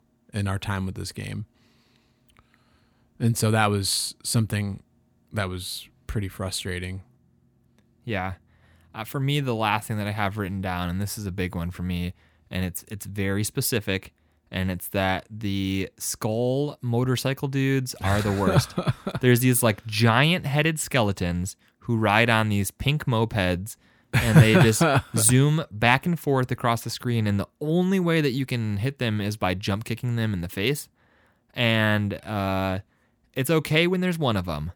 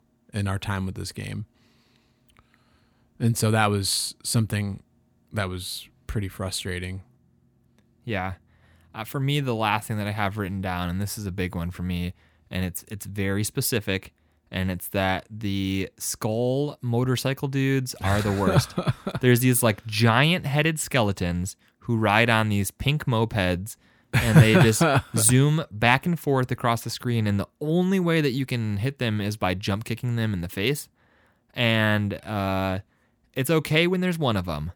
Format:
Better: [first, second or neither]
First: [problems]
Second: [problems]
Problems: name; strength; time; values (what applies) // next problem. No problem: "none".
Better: neither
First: none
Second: none